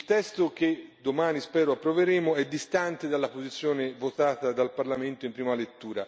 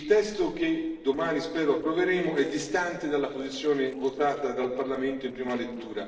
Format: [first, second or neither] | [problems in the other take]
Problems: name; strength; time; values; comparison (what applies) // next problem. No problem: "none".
first | noise reduction (neural separator model SepFormer DNS4)